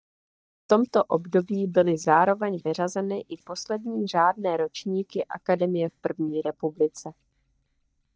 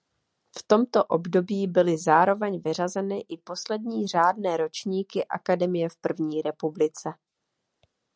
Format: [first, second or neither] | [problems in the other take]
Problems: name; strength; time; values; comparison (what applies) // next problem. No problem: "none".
second | noise reduction (neural mask model DeepFilterNet 3)